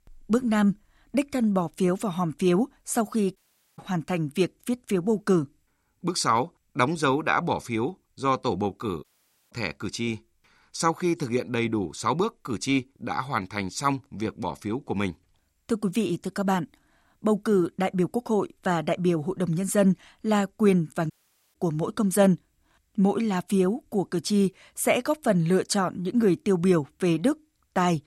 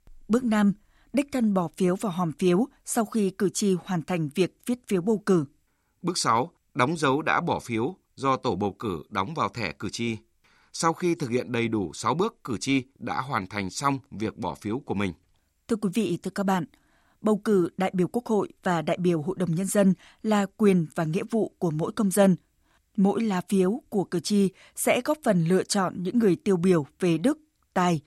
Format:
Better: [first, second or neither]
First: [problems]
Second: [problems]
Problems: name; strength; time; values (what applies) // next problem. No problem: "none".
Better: second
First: audio cutting out; at 3.5 s, at 9 s and at 21 s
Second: none